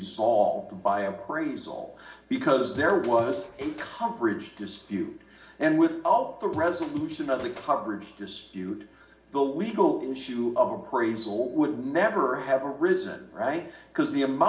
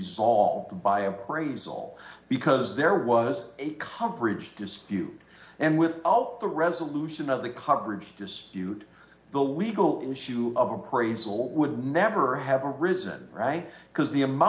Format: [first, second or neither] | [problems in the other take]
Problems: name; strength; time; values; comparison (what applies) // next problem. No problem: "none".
second | background sound (Scratching (performance technique)); 17 dB below the speech // room echo; dies away in 0.6 s